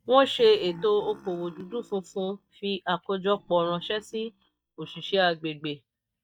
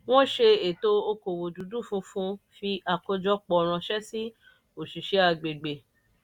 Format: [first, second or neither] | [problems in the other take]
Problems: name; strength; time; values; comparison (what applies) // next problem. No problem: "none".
second | noise reduction (neural mask model DeepFilterNet 3)